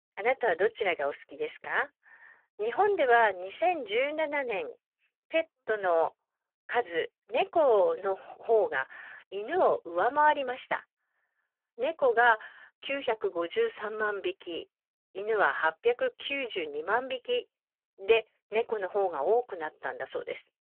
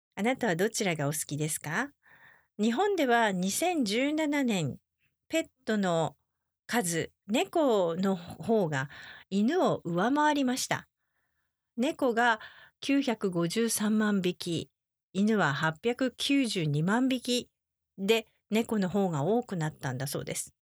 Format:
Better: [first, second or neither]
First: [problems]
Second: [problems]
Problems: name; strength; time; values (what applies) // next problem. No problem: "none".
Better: second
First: phone-call audio; poor line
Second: none